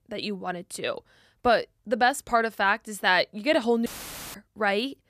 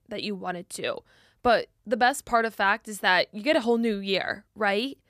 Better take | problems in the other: second | audio cutting out; filled with static; at 4 s

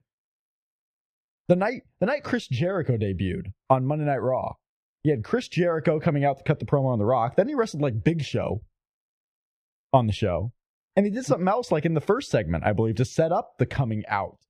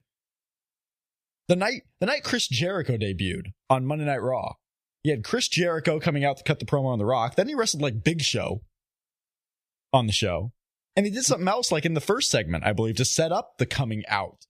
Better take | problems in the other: second | muffled; very; fading above 2.5 kHz

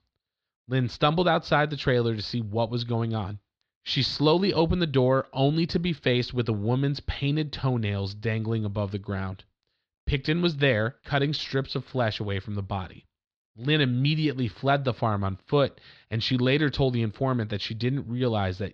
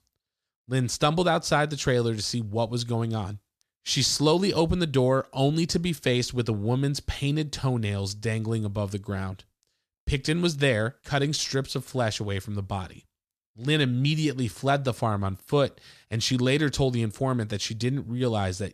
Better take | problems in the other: second | muffled; very slightly; fading above 4.5 kHz

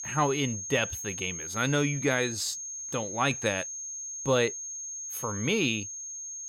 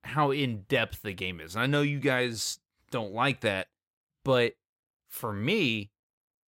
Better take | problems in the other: second | high-pitched whine; loud; throughout; 6.5 kHz, 6 dB below the speech

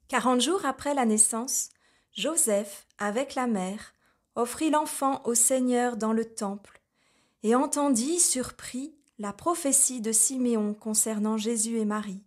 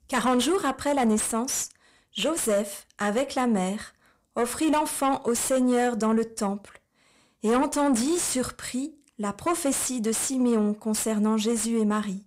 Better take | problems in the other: first | distortion; heavy; 6 dB below the speech

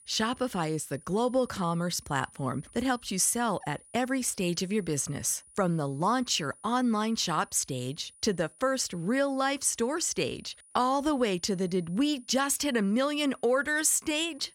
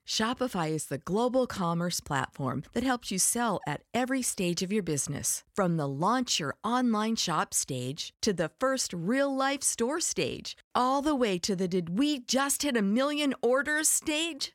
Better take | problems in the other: second | high-pitched whine; faint; throughout; 9.5 kHz, 25 dB below the speech

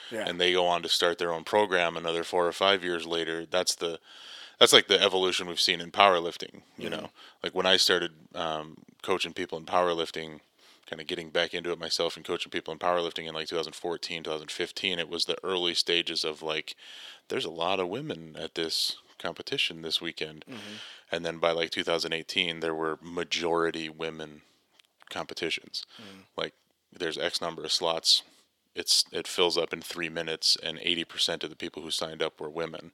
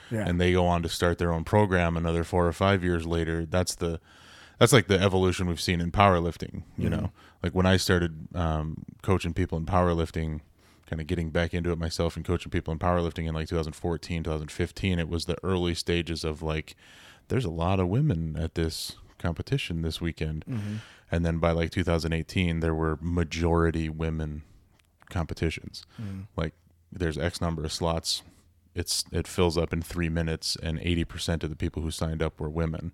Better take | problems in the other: second | thin; very; fading below 450 Hz

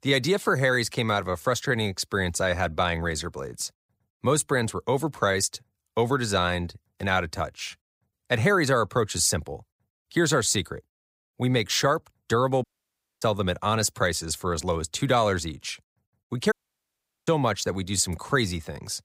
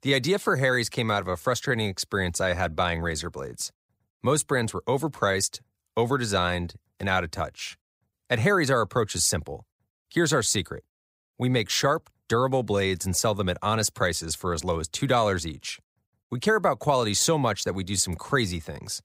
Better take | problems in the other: second | audio cutting out; at 13 s for 0.5 s and at 17 s for 1 s

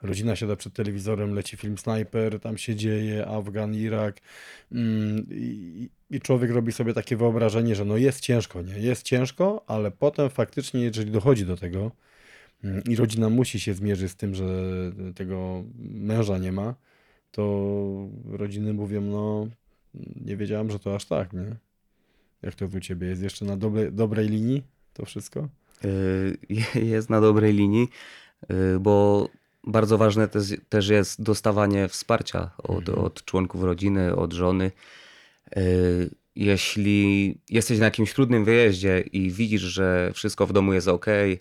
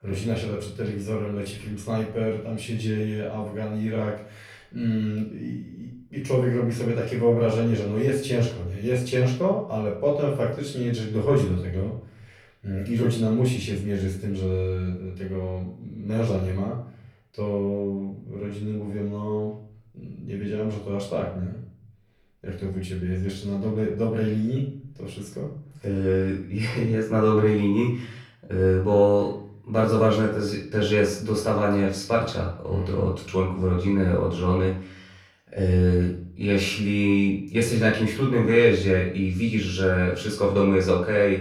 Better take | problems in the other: first | room echo; noticeable; dies away in 0.5 s // off-mic speech; far

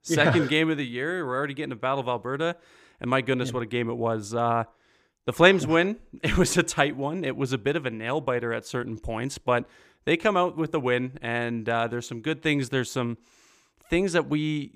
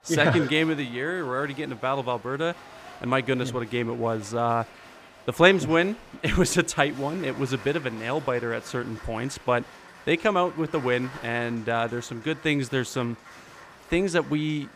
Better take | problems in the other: first | crowd noise; noticeable; throughout; 20 dB below the speech

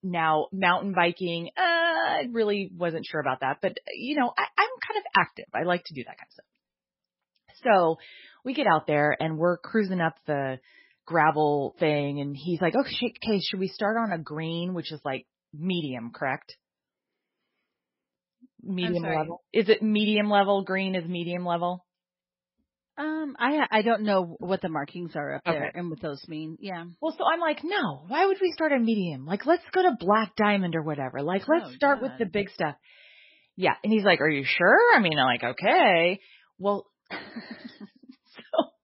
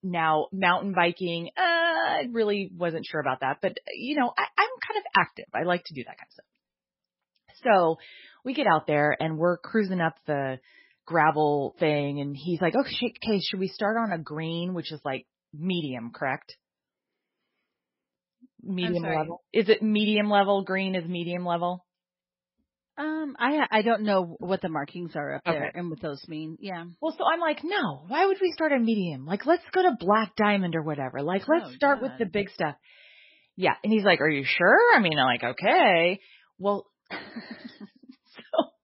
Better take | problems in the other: neither | garbled, watery; badly; nothing above 5.5 kHz; the same in both

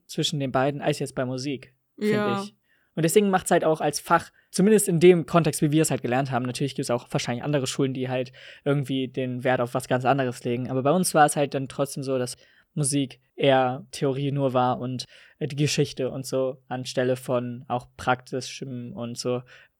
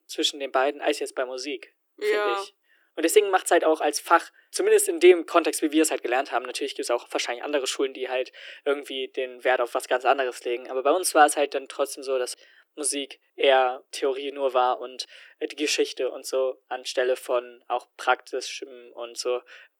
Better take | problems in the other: first | thin; very; fading below 300 Hz

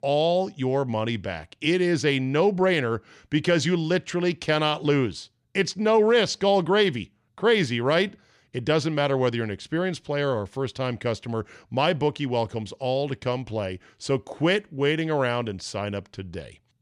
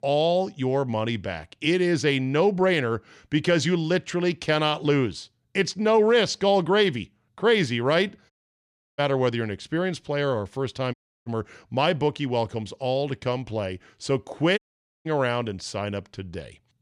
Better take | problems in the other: first | audio cutting out; at 8.5 s for 0.5 s, at 11 s and at 15 s

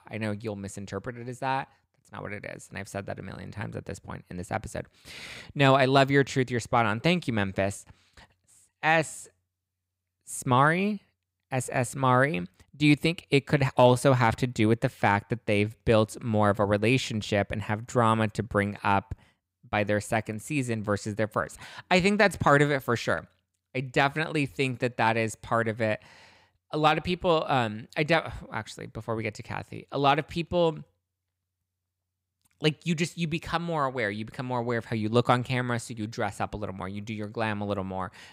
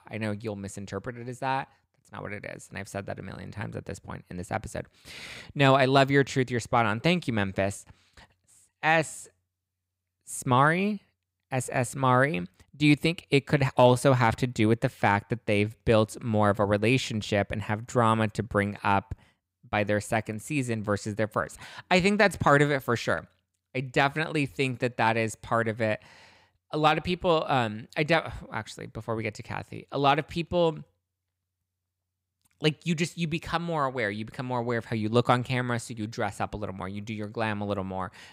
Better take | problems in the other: neither | none

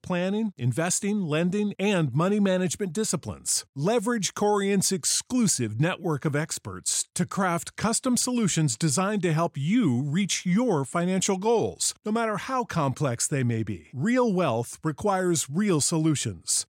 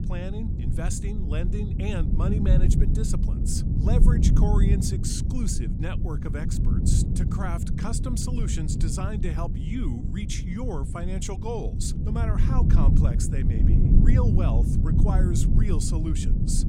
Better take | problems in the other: first | low rumble; loud; throughout; 1 dB below the speech

